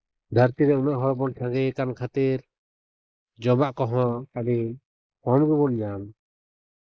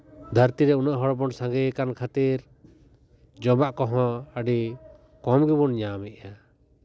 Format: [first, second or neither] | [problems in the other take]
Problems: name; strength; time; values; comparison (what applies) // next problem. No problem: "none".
second | noise reduction (neural mask model Resemble Enhance denoiser)